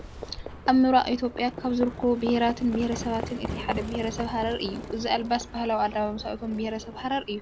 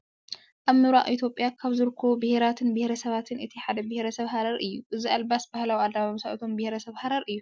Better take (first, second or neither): second